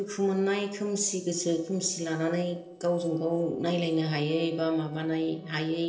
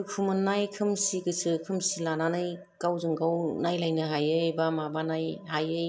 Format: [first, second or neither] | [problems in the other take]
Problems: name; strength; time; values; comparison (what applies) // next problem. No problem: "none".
second | noise reduction (neural separator model SepFormer DNS4)